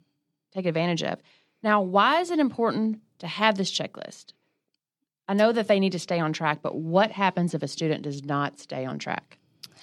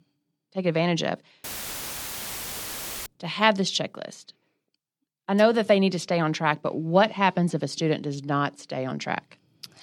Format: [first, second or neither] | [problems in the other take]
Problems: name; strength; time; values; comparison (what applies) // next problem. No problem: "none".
first | audio cutting out; filled with static; at 1.5 s for 1.5 s